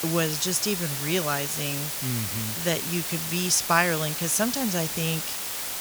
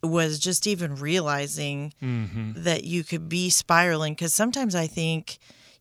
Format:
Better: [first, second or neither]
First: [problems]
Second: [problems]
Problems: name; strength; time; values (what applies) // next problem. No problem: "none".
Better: second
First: hiss; loud; throughout; 1 dB below the speech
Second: none